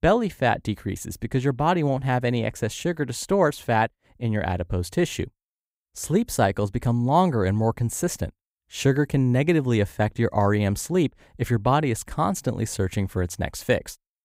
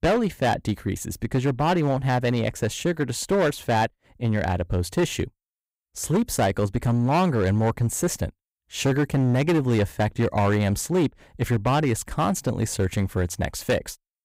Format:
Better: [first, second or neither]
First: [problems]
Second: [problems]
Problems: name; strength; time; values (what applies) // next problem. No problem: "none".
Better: first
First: none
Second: distortion; slight; 9% of the sound clipped